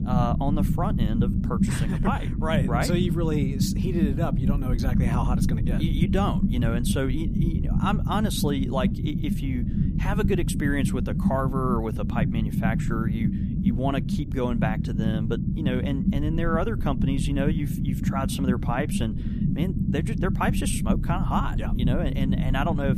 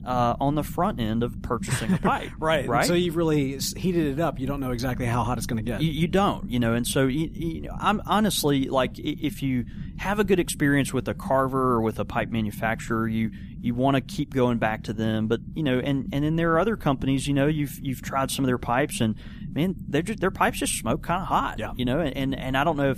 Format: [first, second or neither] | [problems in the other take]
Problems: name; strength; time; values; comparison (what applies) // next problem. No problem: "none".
second | low rumble; loud; throughout; 5 dB below the speech; faint in the second